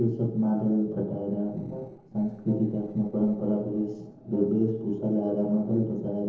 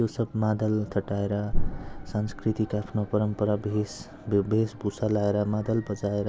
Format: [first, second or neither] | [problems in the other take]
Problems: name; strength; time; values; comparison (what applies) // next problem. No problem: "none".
second | noise reduction (neural separator model SepFormer DNS4)